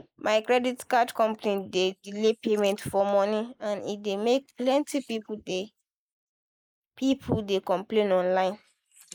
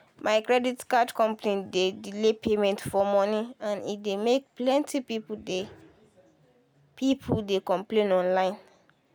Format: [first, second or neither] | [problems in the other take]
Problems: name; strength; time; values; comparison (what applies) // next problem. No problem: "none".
second | noise reduction (neural mask model Resemble Enhance denoiser)